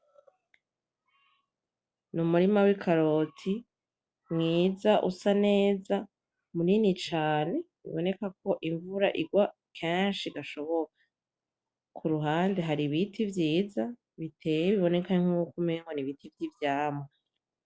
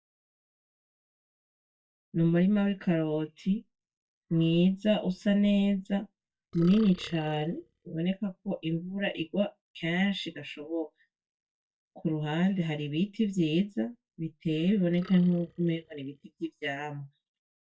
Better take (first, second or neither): first